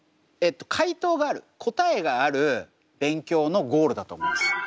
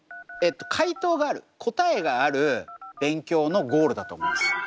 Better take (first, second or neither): first